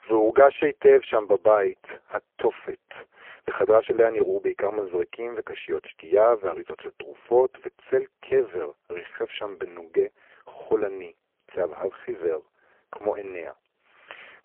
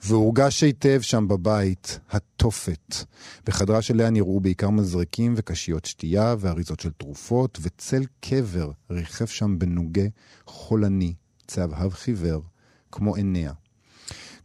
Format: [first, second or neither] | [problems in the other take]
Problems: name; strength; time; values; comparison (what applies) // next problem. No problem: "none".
second | phone-call audio; poor line; nothing above 3 kHz